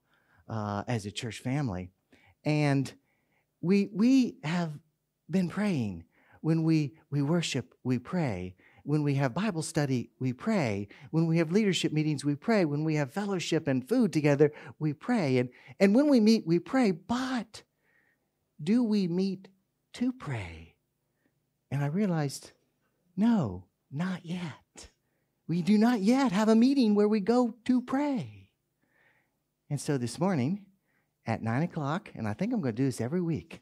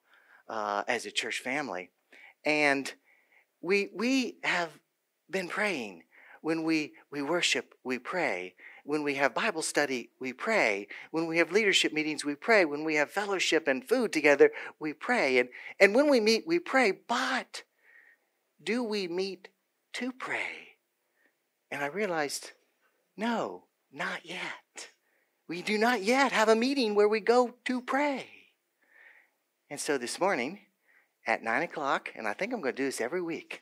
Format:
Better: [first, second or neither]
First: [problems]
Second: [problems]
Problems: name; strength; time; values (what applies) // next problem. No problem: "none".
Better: first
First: none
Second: thin; somewhat; fading below 400 Hz